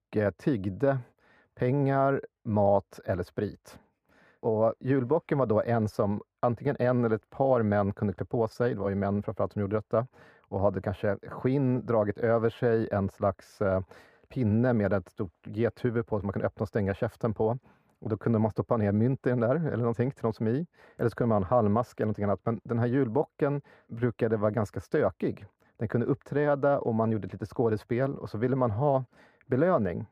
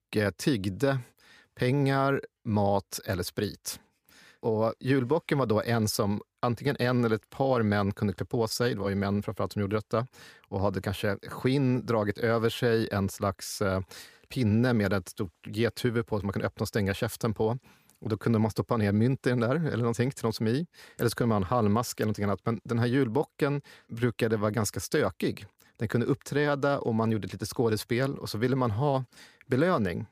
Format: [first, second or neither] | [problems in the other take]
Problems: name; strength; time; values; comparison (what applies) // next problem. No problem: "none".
second | muffled; very; fading above 2.5 kHz